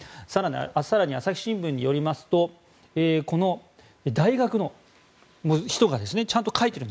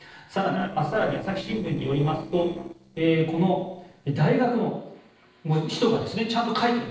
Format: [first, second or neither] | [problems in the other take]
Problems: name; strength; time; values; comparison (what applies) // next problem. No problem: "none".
first | noise reduction (neural separator model SepFormer DNS4)